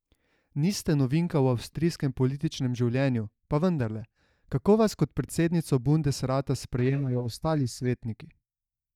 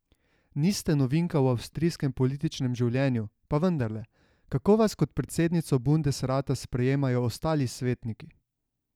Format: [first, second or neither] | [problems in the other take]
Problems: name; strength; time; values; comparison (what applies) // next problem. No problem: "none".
second | noise reduction (neural mask model DeepFilterNet 3)